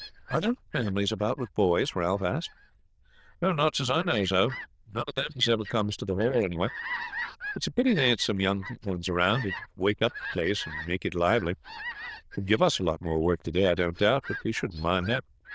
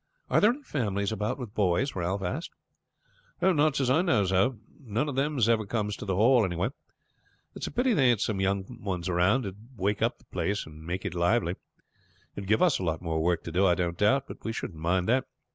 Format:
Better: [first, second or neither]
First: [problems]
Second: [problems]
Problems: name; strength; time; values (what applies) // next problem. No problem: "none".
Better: second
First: noise reduction (neural diffusion model UNIVERSE++)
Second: none